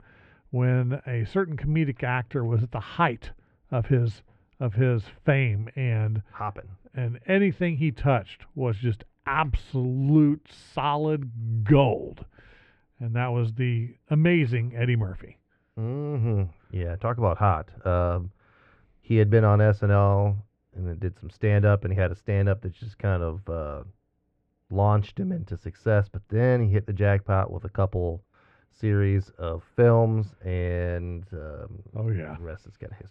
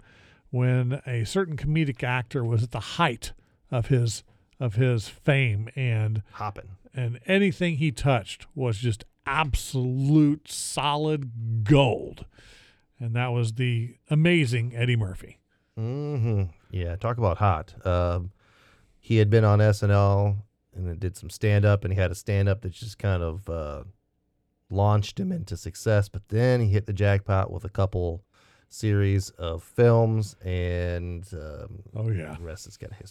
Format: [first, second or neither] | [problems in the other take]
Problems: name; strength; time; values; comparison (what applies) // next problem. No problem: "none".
second | muffled; very; fading above 2 kHz